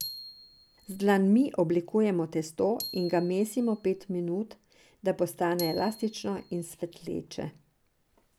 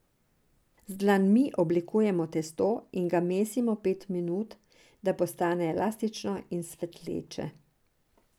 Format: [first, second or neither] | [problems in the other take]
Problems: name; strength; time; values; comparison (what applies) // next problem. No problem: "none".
second | background sound (Glockenspiel); 18 dB below the speech